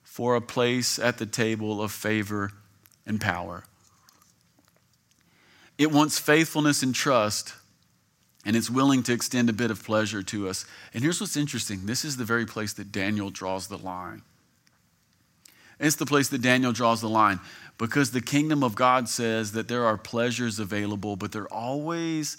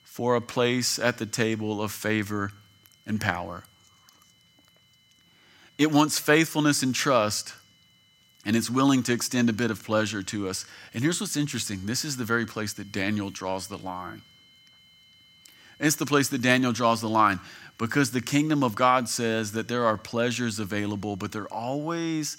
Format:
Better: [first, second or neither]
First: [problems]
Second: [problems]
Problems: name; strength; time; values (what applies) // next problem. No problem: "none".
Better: first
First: none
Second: high-pitched whine; faint; throughout; 3 kHz, 30 dB below the speech